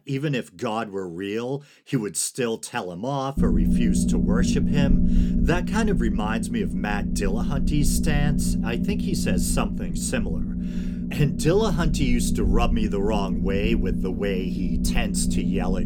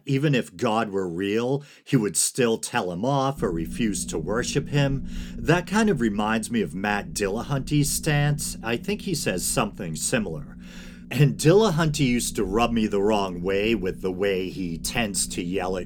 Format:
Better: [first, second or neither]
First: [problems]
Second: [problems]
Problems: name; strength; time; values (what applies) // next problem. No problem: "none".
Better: second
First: low rumble; loud; from 3.5 s on; 4 dB below the speech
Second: low rumble; faint; from 3.5 s on; 20 dB below the speech